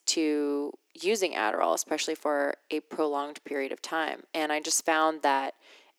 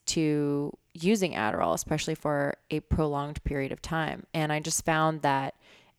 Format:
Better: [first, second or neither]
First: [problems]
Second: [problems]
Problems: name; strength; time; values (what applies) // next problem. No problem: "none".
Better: second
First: thin; somewhat; fading below 300 Hz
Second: none